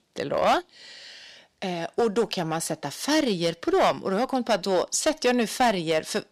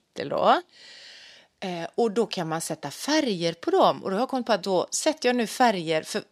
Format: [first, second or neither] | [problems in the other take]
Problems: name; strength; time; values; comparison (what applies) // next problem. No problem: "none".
second | distortion; slight; 4% of the sound clipped